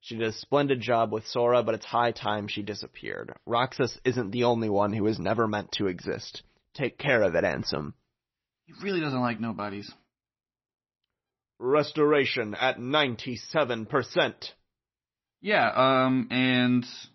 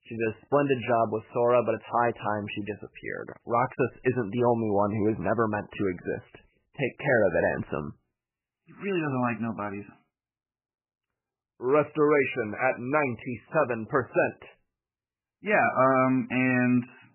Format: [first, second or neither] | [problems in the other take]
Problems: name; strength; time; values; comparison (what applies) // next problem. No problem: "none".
first | garbled, watery; badly; nothing above 3 kHz; slightly in the first